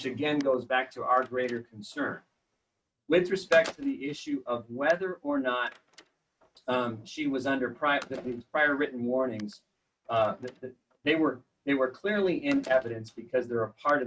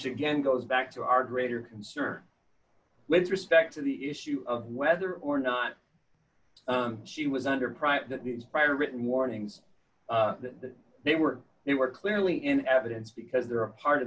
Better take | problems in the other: second | noise reduction (neural mask model RNNoise)

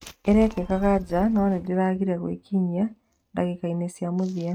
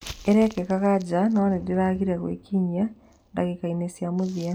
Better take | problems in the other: second | noise reduction (neural mask model RNNoise)

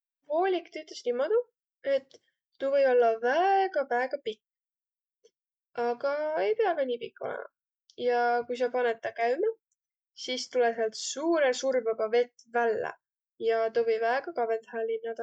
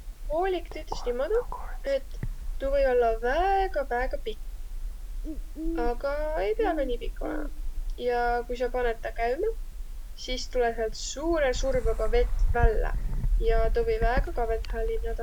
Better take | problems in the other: first | background sound (Bird); as loud as the speech

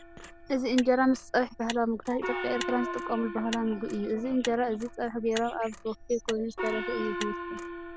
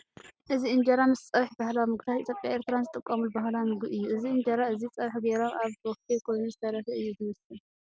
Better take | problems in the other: second | background sound (Motor vehicle (road) + Gong); 9 dB below the speech

